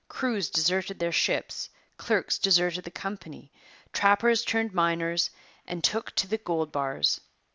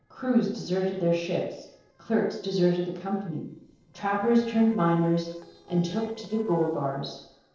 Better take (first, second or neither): first